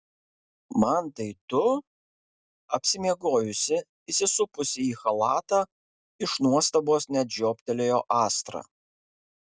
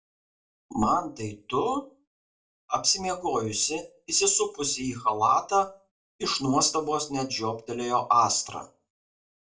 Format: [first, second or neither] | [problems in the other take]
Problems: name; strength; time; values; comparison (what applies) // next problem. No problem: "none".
first | room echo; dies away in 0.2 s